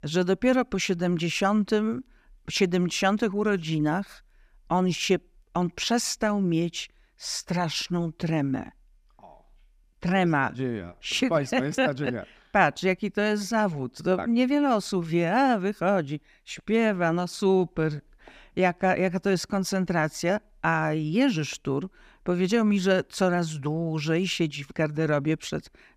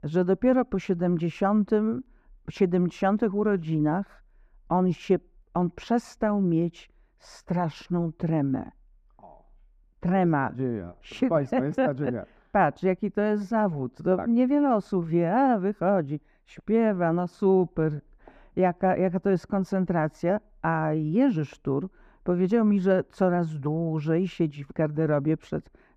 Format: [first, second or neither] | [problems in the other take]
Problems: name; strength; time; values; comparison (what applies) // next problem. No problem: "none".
first | muffled; very; fading above 2 kHz